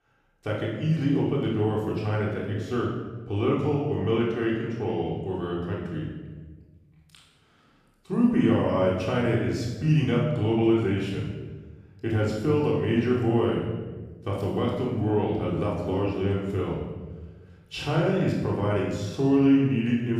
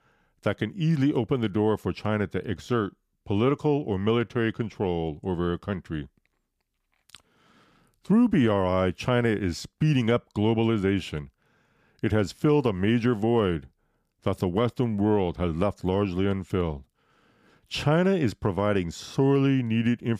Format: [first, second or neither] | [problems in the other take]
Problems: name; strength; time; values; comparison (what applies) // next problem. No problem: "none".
second | off-mic speech; far // room echo; noticeable; dies away in 1.2 s